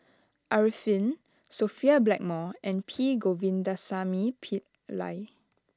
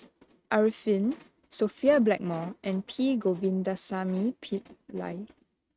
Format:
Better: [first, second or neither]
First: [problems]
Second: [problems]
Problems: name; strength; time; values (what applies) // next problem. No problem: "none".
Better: first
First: none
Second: noise reduction (neural mask model RNNoise)